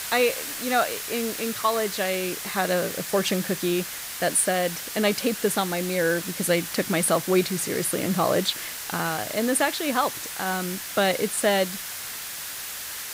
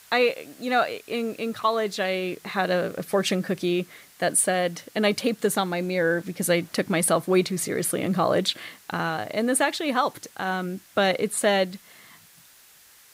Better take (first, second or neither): second